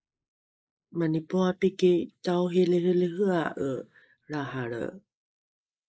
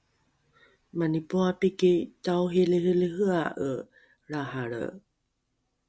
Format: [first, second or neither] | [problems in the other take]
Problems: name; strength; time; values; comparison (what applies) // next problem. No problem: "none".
second | noise reduction (neural mask model Resemble Enhance denoiser)